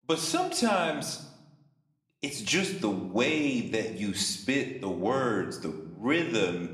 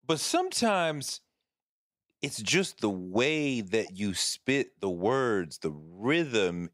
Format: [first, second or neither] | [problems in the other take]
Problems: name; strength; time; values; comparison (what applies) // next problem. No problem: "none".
second | room echo; slight; dies away in 0.7 s